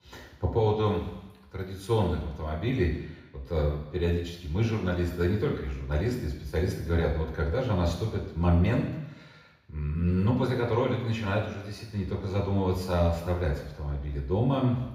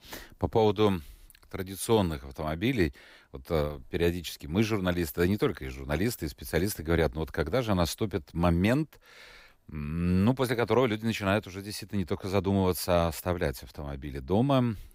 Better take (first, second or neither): second